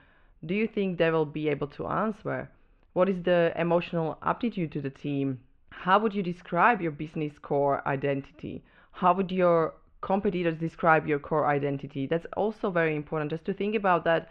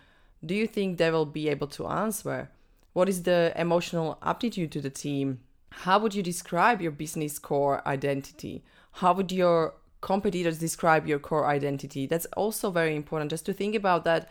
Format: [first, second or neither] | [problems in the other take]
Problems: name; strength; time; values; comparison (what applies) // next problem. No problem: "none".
second | muffled; very; fading above 3 kHz